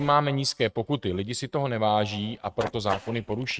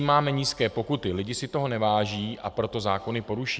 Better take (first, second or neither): second